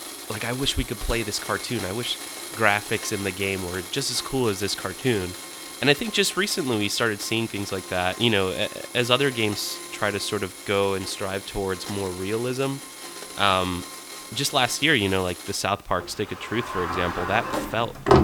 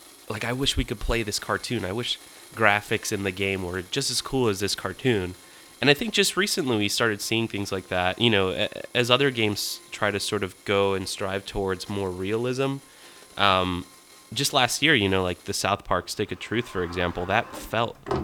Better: second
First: household noises; loud; throughout; 9 dB below the speech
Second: household noises; faint; throughout; 20 dB below the speech

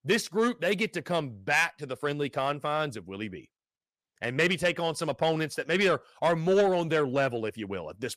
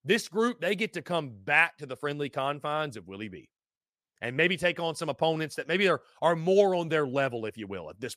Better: second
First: distortion; slight; 10 dB below the speech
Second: none

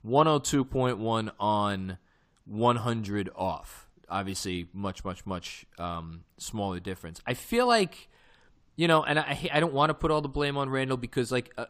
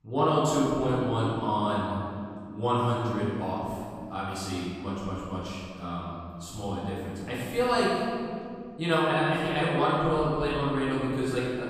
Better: first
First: none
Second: off-mic speech; far // room echo; strong; dies away in 2.2 s

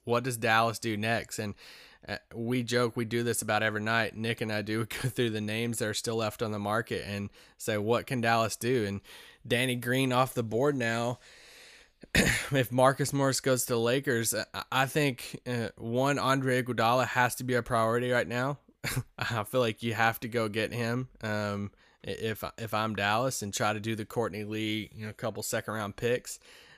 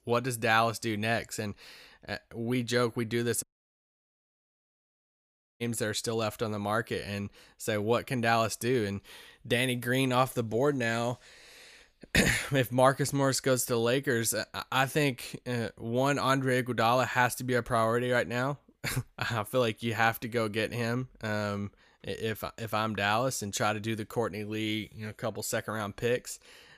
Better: first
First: none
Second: audio cutting out; at 3.5 s for 2 s

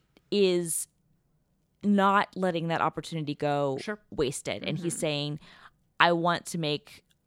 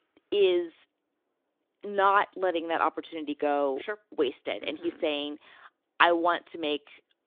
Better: first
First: none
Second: phone-call audio; nothing above 3.5 kHz

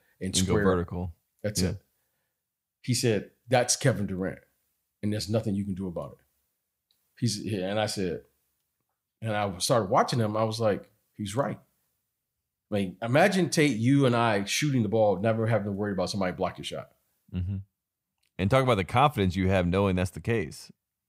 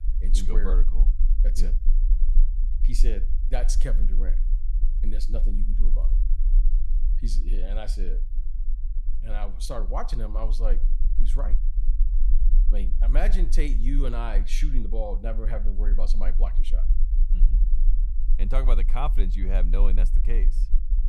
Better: first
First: none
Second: low rumble; noticeable; throughout; 15 dB below the speech

